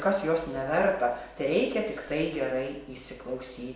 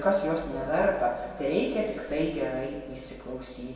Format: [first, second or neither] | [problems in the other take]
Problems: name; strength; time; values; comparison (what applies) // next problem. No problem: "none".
first | room echo; dies away in 1.7 s